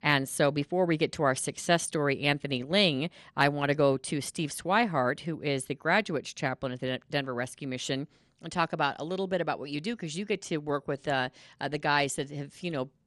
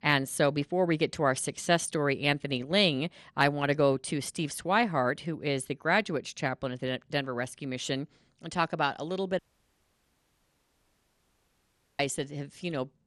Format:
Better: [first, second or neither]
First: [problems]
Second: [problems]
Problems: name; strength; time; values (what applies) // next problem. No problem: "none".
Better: first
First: none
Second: audio cutting out; at 9.5 s for 2.5 s